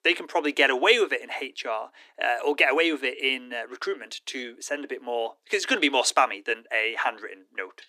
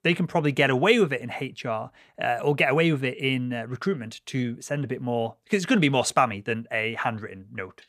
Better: second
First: thin; somewhat; fading below 300 Hz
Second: none

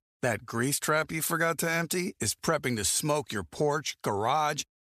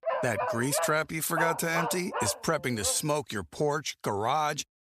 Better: first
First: none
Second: dog barking; noticeable; until 3 s; peak 2 dB below the speech

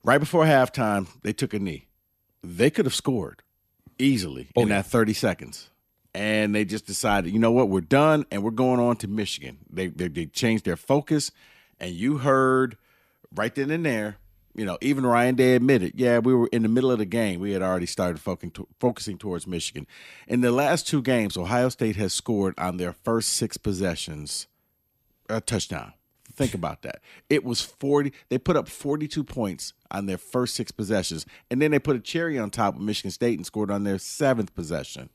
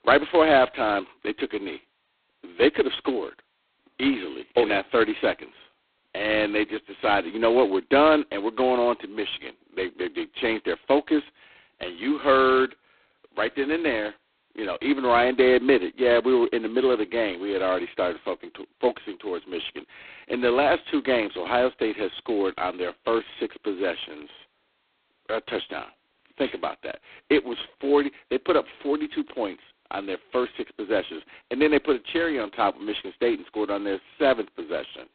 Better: first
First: none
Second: phone-call audio; poor line; nothing above 4 kHz

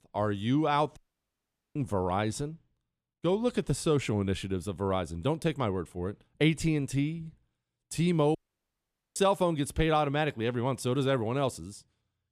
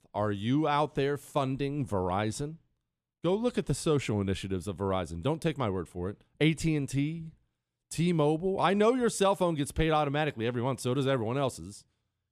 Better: second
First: audio cutting out; at 1 s for 1 s and at 8.5 s for 1 s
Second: none

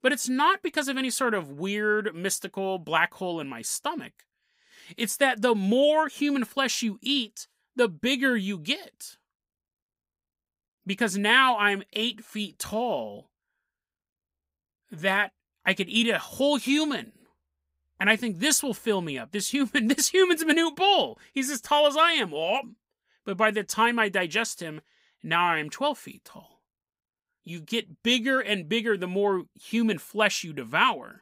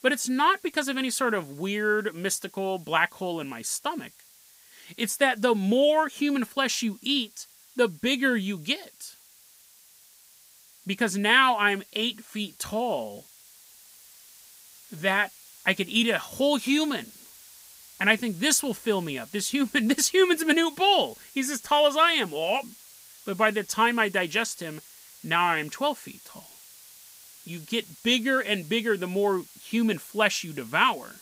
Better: first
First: none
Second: hiss; faint; throughout; 25 dB below the speech

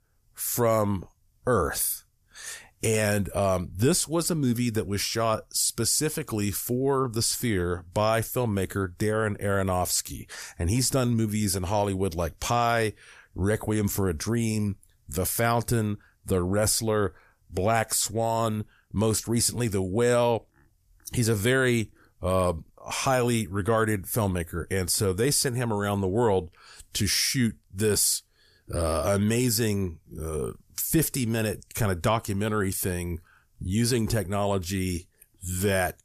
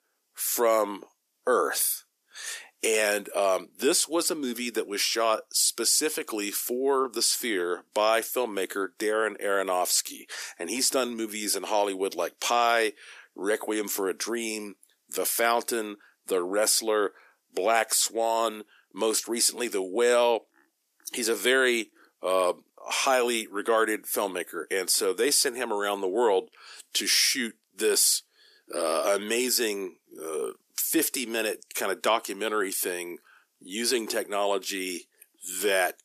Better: first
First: none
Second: thin; somewhat; fading below 300 Hz

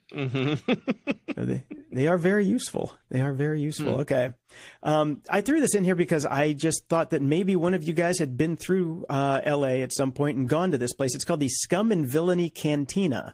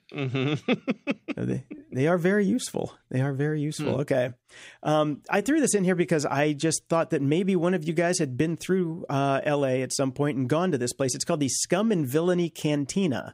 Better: second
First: garbled, watery; slightly; nothing above 15.5 kHz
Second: none

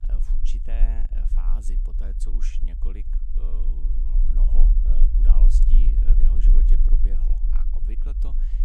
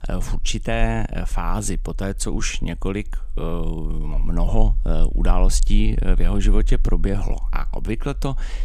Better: second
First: low rumble; loud; throughout; as loud as the speech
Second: low rumble; faint; throughout; 25 dB below the speech

